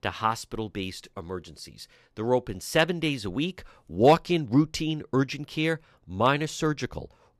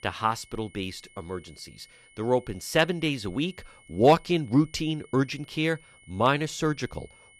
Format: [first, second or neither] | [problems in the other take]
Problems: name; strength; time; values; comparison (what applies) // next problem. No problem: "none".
first | high-pitched whine; faint; throughout; 2 kHz, 30 dB below the speech